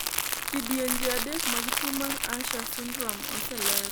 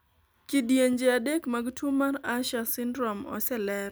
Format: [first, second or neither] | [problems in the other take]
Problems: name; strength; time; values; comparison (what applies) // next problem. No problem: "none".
second | background sound (Crumpling, crinkling); 4 dB above the speech